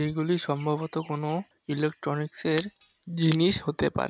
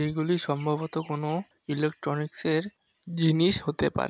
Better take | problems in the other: second | background sound (Shatter); 17 dB below the speech

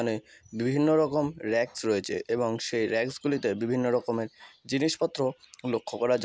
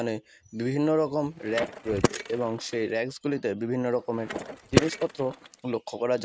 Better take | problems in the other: first | noise reduction (neural mask model RNNoise)

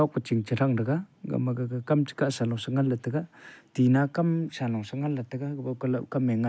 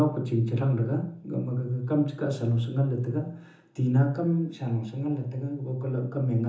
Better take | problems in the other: first | room echo; dies away in 0.6 s

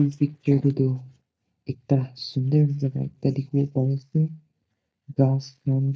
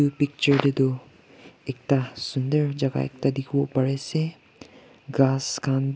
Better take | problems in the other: second | noise reduction (neural mask model DeepFilterNet 3)

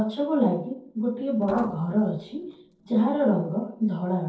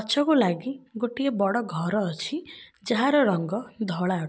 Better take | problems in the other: second | noise reduction (neural separator model SepFormer DNS4)

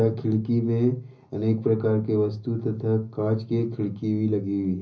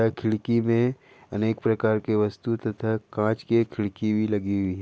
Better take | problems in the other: second | room echo; dies away in 0.5 s

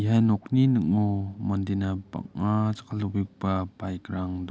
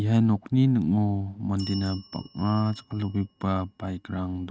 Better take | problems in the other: first | noise reduction (neural mask model RNNoise)

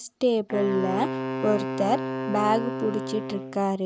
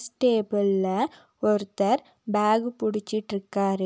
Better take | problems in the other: second | background sound (Wind instrument, woodwind instrument); 5 dB below the speech

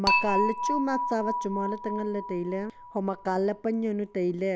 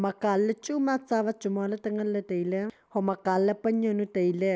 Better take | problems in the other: second | background sound (Dishes, pots, and pans / Chink, clink); 3 dB below the speech

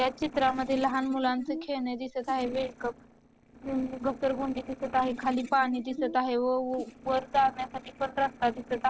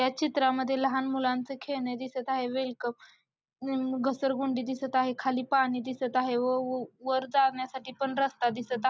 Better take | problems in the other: second | noise reduction (neural separator model SepFormer DNS4)

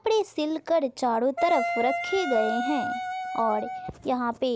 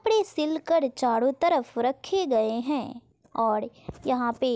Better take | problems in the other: second | background sound (Wind instrument, woodwind instrument); 4 dB below the speech

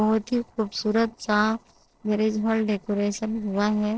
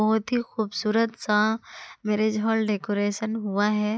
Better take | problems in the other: second | noise reduction (neural separator model SepFormer DNS4)

